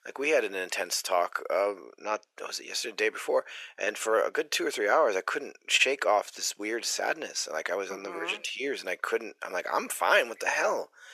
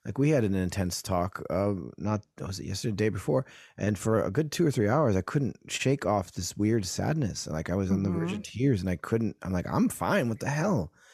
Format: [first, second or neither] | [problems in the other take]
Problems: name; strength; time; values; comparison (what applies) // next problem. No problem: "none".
second | thin; very; fading below 450 Hz